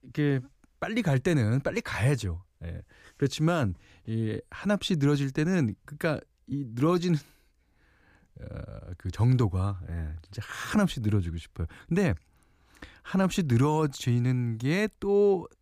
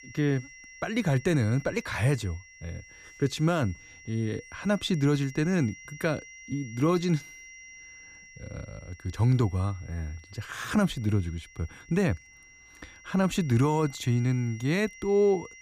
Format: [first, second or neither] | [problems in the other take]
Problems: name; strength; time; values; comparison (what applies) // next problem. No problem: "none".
first | high-pitched whine; noticeable; throughout; 2 kHz, 20 dB below the speech